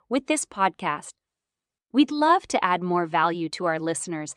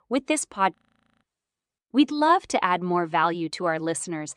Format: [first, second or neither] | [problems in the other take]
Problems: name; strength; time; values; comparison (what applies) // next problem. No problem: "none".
first | audio freezing; at 1 s